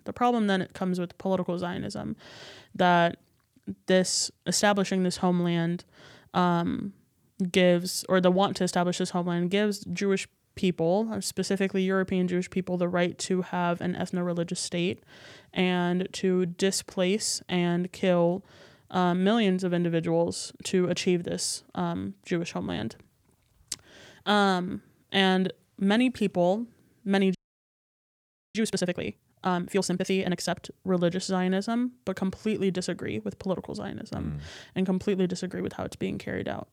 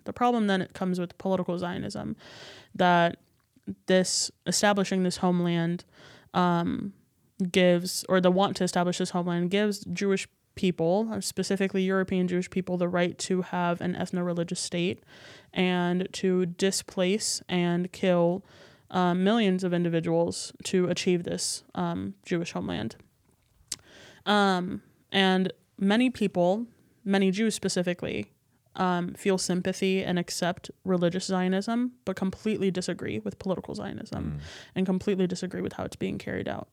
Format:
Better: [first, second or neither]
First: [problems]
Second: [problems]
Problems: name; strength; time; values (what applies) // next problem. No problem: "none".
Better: second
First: audio freezing; at 27 s for 1 s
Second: none